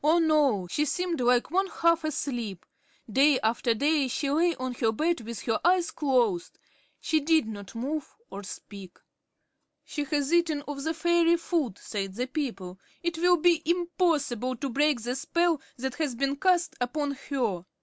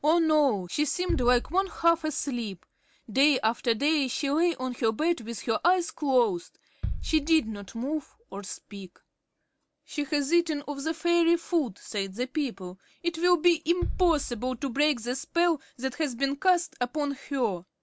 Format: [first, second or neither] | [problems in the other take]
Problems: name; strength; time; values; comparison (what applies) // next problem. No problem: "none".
first | background sound (Bass drum); 12 dB below the speech